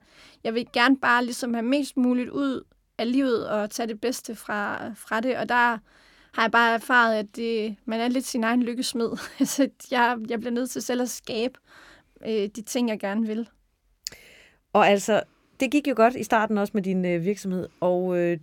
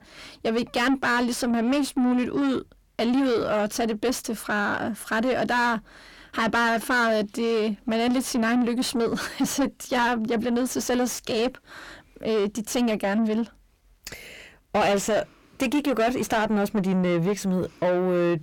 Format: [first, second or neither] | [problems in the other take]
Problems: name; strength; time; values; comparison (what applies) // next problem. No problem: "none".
first | distortion; heavy; 6 dB below the speech